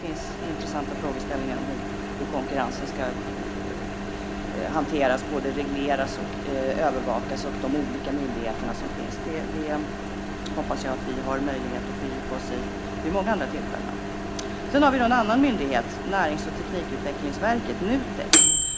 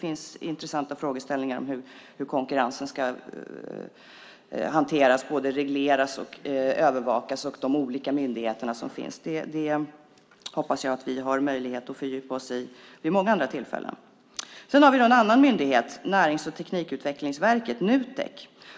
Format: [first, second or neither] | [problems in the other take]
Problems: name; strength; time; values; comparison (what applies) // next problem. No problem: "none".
second | background sound (Microwave oven); as loud as the speech